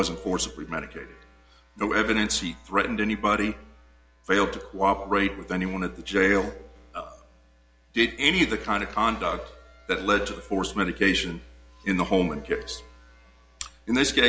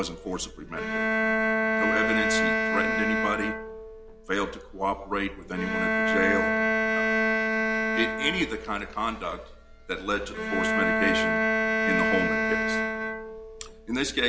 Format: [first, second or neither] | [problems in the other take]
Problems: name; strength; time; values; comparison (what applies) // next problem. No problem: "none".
first | background sound (Bowed string instrument); 4 dB above the speech